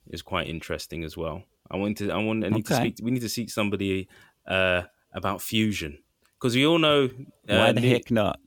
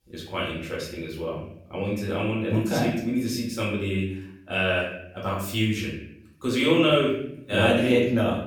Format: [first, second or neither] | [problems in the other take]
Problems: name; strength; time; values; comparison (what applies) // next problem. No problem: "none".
first | room echo; noticeable; dies away in 0.6 s // off-mic speech; far